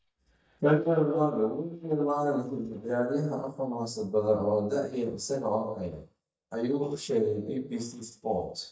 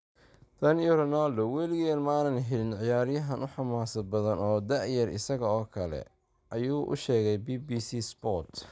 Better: second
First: noise reduction (neural mask model DeepFilterNet 3)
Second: none

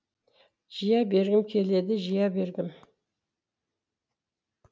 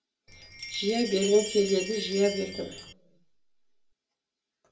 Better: first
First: none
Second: background sound (Chime); 10 dB below the speech // room echo; dies away in 0.3 s

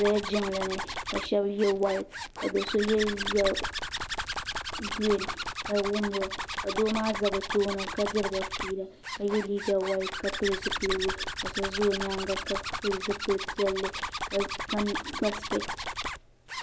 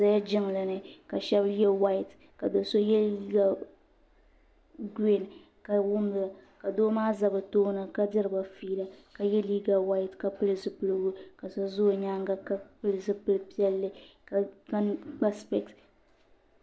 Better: second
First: background sound (Zipper (clothing)); 5 dB below the speech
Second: none

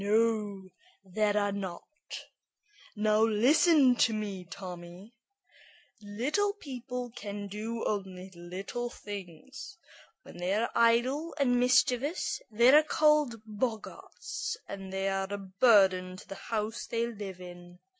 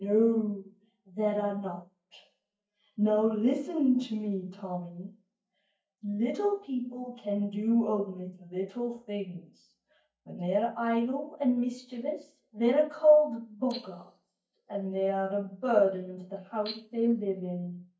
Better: first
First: none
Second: noise reduction (neural mask model DeepFilterNet 3)

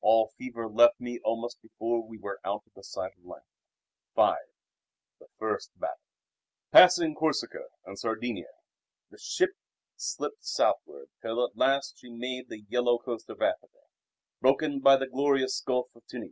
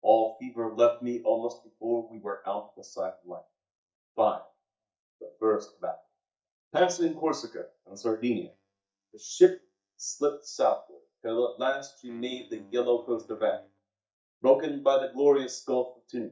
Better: first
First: none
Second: noise reduction (neural mask model DeepFilterNet 3)

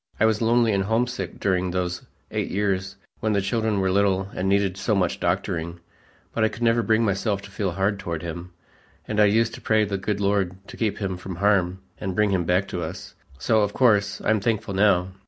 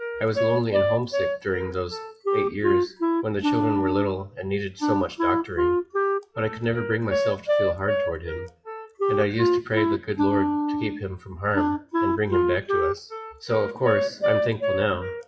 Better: first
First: none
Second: noise reduction (classical method WPE with log-MMSE)

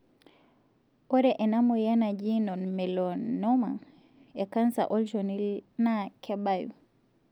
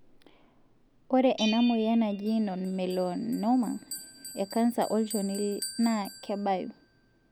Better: first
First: none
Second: background sound (Bell + Bell); 15 dB below the speech

